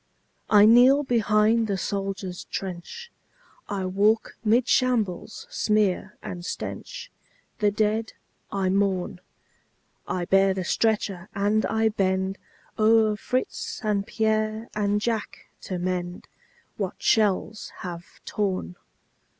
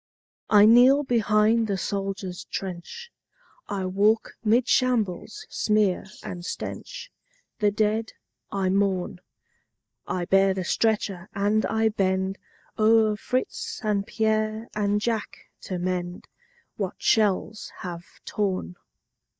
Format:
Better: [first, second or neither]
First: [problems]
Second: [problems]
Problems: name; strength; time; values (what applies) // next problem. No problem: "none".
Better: first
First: none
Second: noise reduction (neural mask model DeepFilterNet 3)